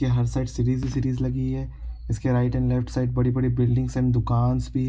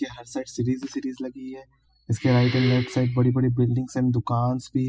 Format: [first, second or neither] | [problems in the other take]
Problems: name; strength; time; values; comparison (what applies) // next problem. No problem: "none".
first | noise reduction (classical method spectral subtraction)